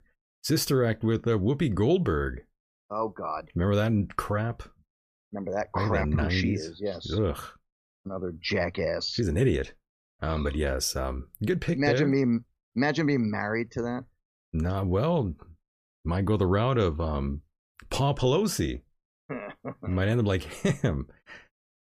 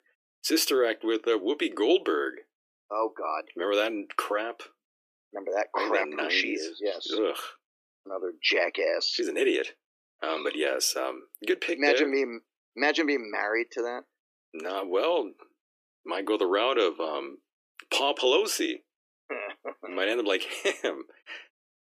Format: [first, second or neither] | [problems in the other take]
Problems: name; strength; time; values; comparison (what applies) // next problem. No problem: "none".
first | thin; very; fading below 300 Hz